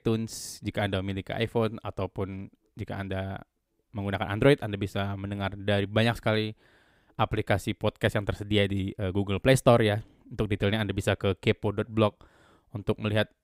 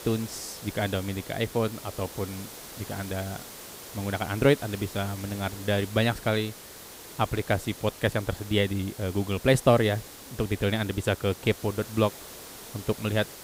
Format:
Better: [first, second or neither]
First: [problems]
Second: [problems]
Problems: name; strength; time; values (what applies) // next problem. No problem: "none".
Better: first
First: none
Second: hiss; noticeable; throughout; 15 dB below the speech